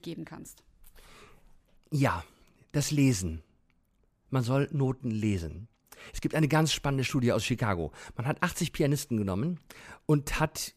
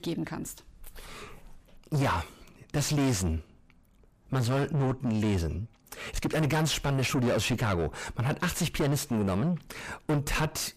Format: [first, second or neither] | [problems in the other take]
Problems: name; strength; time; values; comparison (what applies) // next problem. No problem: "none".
first | distortion; heavy; 5 dB below the speech